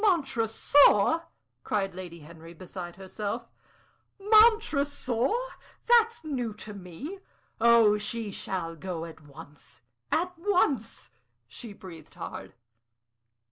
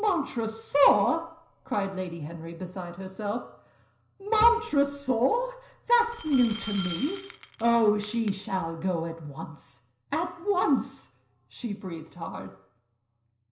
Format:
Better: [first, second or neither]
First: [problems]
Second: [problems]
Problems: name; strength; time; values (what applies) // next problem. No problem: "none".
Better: first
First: none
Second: background sound (Glass); 14 dB below the speech // room echo; dies away in 0.5 s